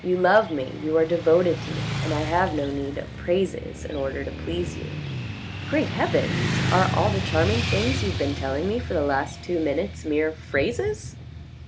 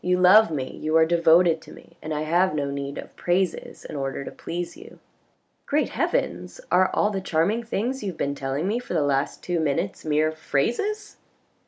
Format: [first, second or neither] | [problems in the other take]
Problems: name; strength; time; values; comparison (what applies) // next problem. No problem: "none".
second | background sound (Motorcycle / Traffic noise, roadway noise); 5 dB below the speech